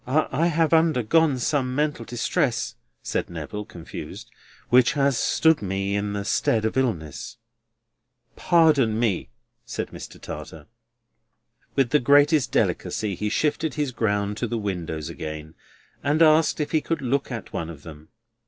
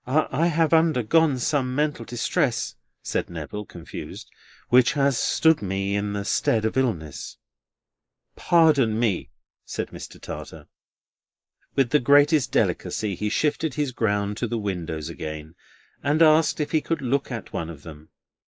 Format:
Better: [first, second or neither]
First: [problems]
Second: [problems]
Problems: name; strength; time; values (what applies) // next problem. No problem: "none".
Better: first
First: none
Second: noise reduction (neural mask model Resemble Enhance denoiser)